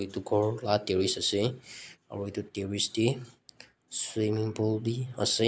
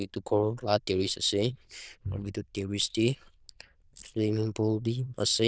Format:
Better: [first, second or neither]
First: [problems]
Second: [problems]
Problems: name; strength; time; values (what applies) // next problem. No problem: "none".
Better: first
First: none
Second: noise reduction (neural diffusion model UNIVERSE++)